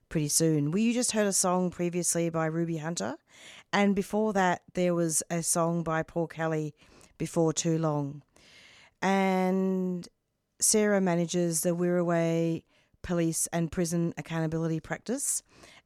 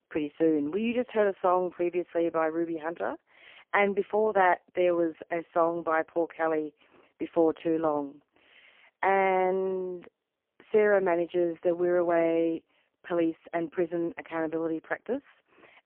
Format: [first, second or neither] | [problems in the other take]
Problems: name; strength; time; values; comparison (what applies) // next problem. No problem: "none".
first | phone-call audio; poor line